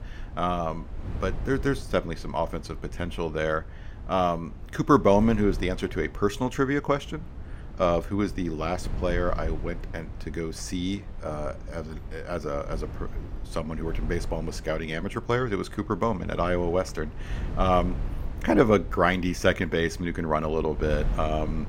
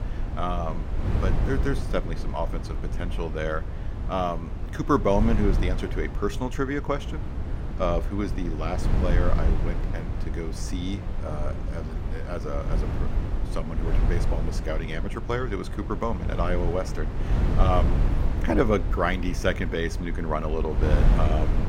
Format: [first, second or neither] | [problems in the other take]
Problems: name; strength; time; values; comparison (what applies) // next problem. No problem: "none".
first | wind noise on the microphone; heavy; 9 dB below the speech; occasional gusts in the first